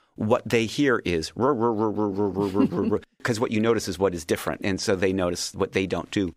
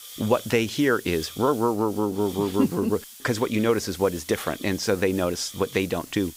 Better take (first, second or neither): first